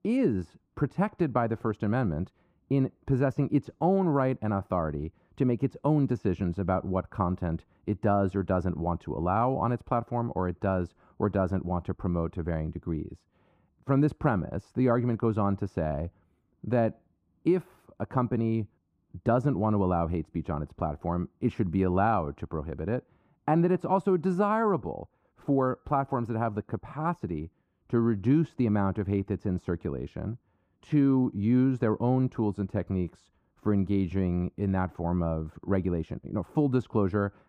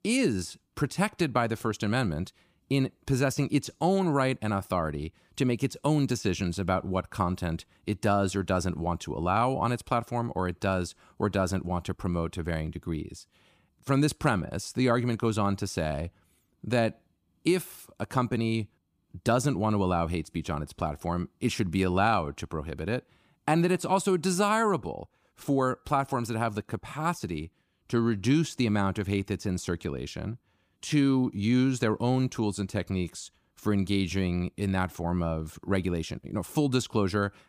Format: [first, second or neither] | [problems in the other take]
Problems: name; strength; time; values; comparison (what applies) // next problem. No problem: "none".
second | muffled; very; fading above 2.5 kHz